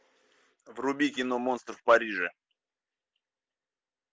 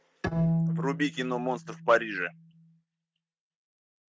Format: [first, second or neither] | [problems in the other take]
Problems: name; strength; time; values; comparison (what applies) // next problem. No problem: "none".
first | noise reduction (neural mask model RNNoise)